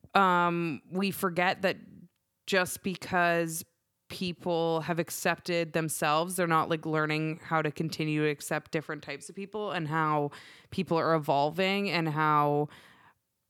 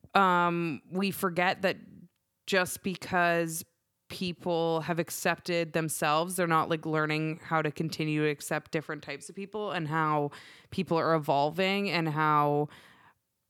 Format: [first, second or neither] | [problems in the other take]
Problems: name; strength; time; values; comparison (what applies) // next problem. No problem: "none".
neither | none